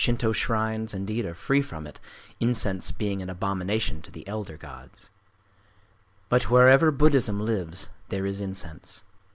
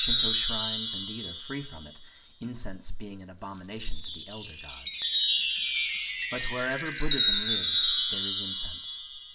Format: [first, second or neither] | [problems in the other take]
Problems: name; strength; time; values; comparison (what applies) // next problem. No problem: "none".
first | background sound (Wind chime); 5 dB above the speech // room echo; dies away in 0.4 s